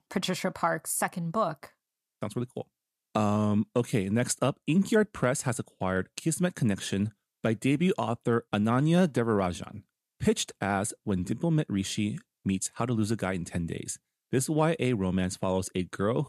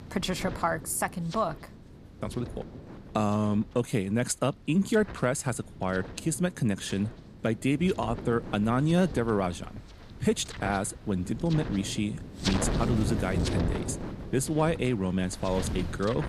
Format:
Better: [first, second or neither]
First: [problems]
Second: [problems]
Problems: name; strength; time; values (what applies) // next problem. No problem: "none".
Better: first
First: none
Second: wind noise on the microphone; heavy; 10 dB below the speech